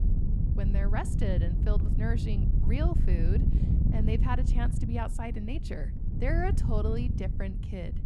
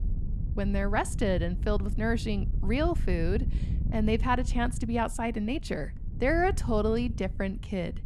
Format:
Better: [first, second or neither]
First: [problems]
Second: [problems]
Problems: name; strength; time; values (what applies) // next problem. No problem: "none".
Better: second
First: wind noise on the microphone; heavy; 5 dB below the speech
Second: wind noise on the microphone; occasional gusts; 20 dB below the speech